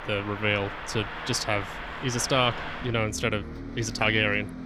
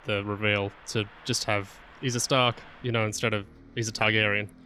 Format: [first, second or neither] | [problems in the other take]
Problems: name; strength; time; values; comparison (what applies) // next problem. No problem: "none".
second | traffic noise; loud; throughout; 9 dB below the speech; faint in the second